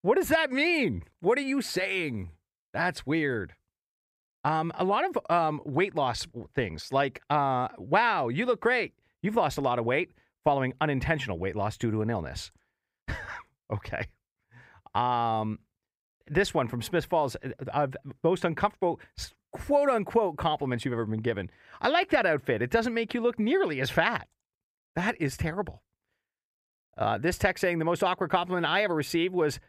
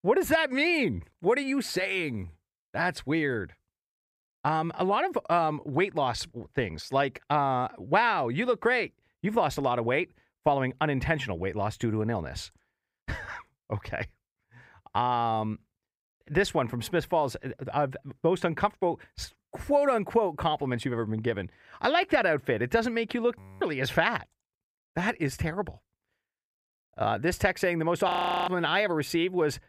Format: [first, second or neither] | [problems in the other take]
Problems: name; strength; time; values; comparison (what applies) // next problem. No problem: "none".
first | audio freezing; at 23 s and at 28 s